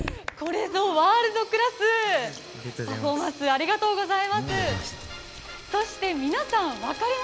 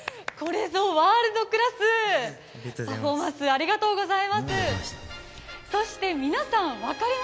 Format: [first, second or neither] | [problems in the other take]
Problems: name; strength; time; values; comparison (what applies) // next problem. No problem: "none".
second | background sound (Sink (filling or washing)); 17 dB below the speech